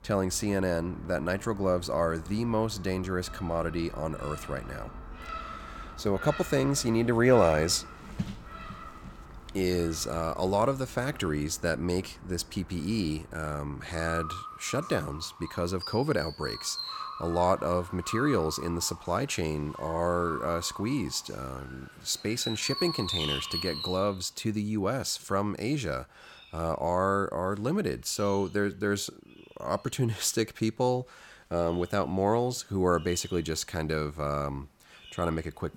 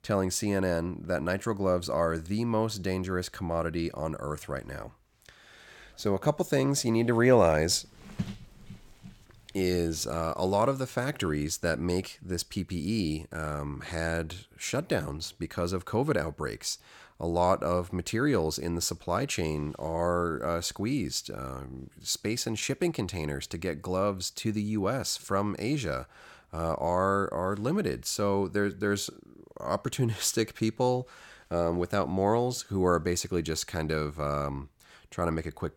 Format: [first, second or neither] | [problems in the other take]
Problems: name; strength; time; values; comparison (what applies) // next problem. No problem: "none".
second | animal sounds; noticeable; throughout; 10 dB below the speech